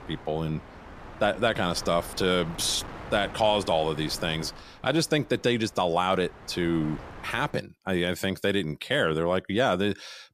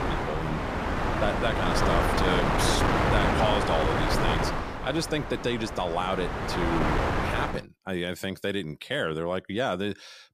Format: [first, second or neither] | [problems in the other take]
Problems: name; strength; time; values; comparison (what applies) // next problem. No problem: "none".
first | wind noise on the microphone; heavy; until 7.5 s; 3 dB above the speech; occasional gusts in the first